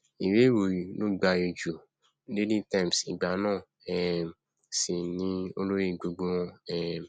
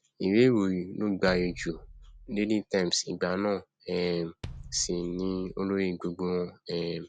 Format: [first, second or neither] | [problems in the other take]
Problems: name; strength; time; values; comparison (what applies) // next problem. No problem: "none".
first | background sound (Bass drum); 17 dB below the speech